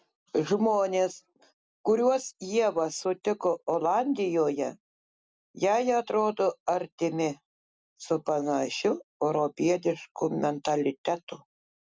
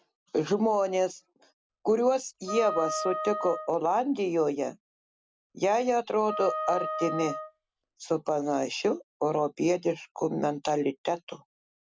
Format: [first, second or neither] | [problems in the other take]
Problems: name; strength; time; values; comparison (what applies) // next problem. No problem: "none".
first | background sound (Wind instrument, woodwind instrument); 7 dB below the speech